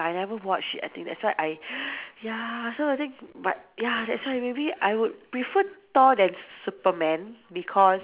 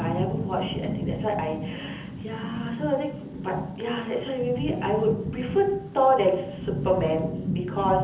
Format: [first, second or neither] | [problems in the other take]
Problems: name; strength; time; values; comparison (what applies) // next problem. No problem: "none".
first | background sound (Rain / Thunderstorm); 5 dB below the speech // room echo; dies away in 0.7 s